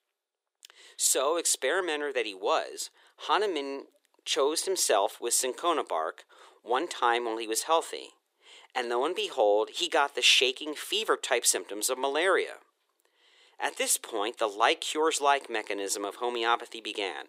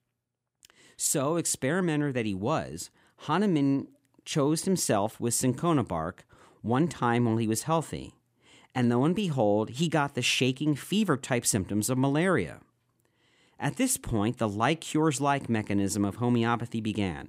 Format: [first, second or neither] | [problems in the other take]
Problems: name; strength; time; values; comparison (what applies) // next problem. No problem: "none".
second | thin; very; fading below 400 Hz